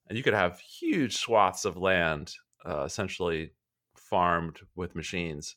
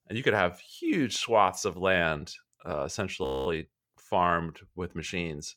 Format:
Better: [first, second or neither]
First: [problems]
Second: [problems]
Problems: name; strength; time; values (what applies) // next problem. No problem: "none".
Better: first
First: none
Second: audio freezing; at 3 s